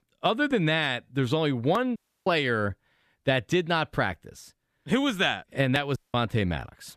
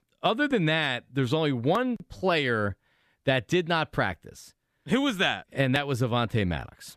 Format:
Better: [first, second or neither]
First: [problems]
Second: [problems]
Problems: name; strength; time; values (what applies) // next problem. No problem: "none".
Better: second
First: audio cutting out; at 2 s and at 6 s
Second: none